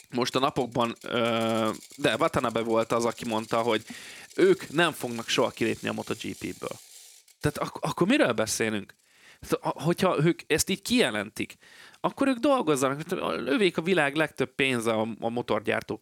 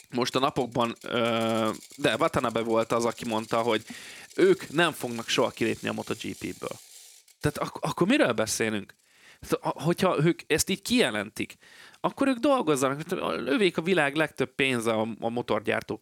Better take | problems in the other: neither | machinery noise; faint; throughout; 20 dB below the speech; the same in both

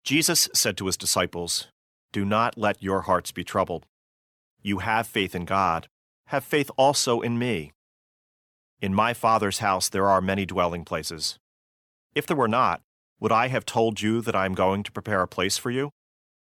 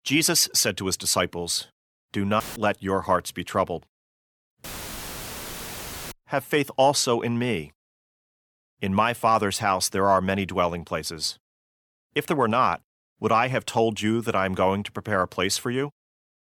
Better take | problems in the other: first | audio cutting out; filled with static; at 2.5 s and at 4.5 s for 1.5 s

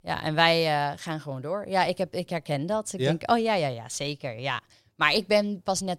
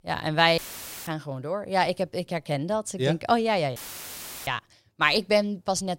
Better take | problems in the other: first | audio cutting out; filled with static; at 0.5 s and at 4 s for 0.5 s

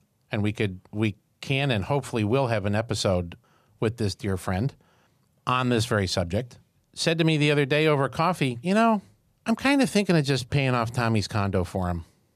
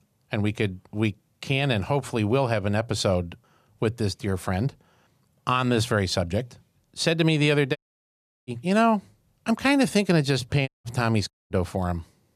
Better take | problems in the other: first | audio cutting out; at 8 s for 0.5 s and at 11 s

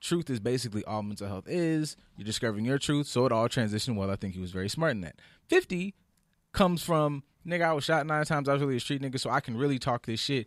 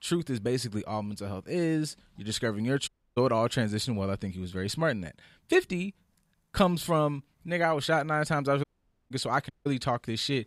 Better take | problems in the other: first | audio cutting out; at 3 s, at 8.5 s and at 9.5 s

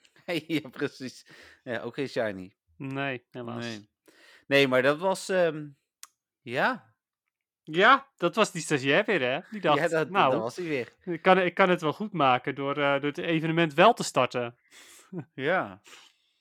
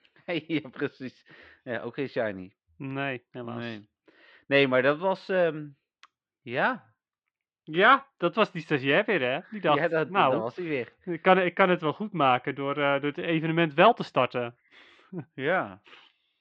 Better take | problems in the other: first | muffled; slightly; fading above 3.5 kHz

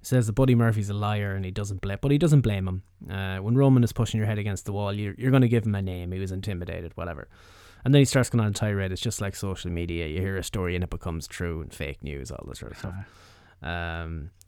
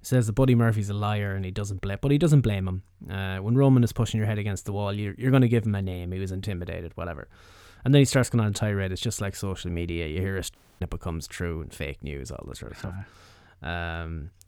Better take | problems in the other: first | audio cutting out; at 11 s

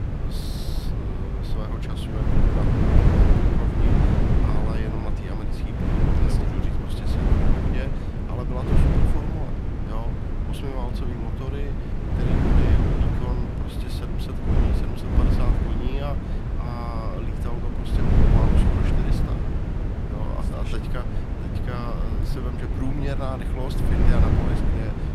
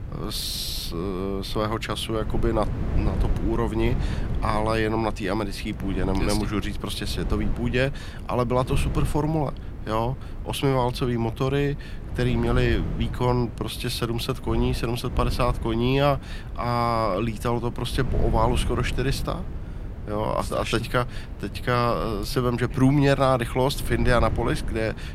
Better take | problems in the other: second | wind noise on the microphone; heavy; 4 dB above the speech; occasional gusts in the second

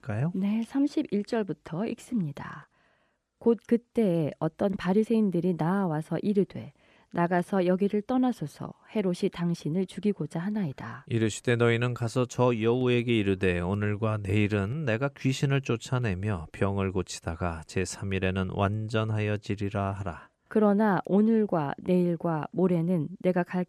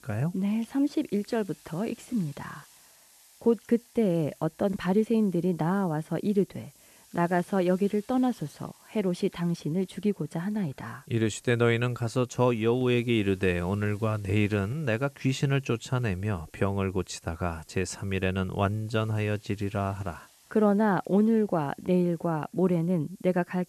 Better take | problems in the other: first | hiss; faint; throughout; 30 dB below the speech

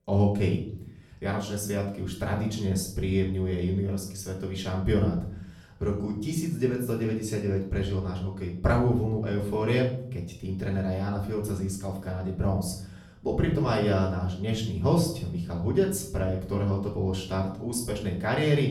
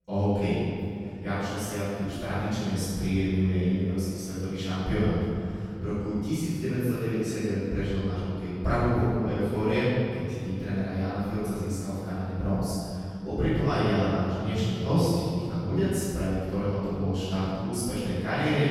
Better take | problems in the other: first | room echo; strong; dies away in 2.5 s; slight in the first // off-mic speech; far; far in the first

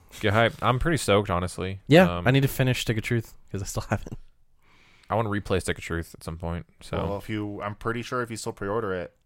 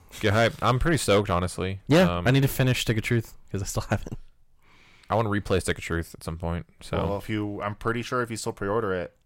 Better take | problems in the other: first | distortion; slight; 2% of the sound clipped

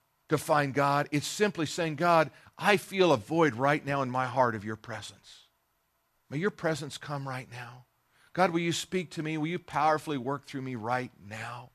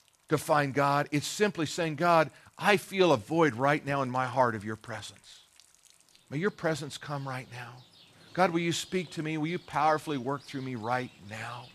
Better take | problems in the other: first | rain or running water; faint; throughout; 30 dB below the speech

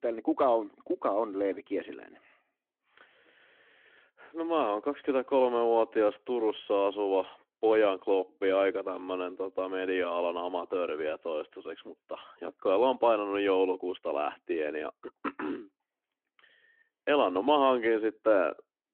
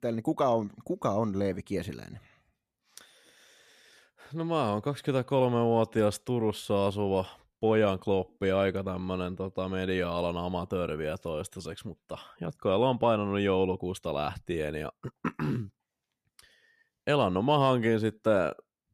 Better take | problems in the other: second | phone-call audio

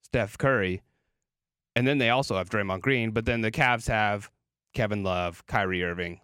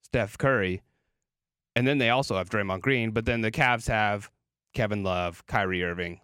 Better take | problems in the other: neither | none

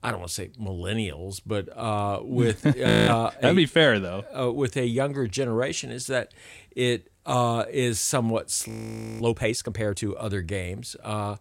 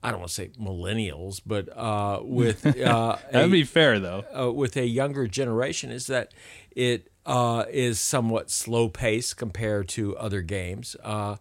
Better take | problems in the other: second | audio freezing; at 3 s and at 8.5 s for 0.5 s

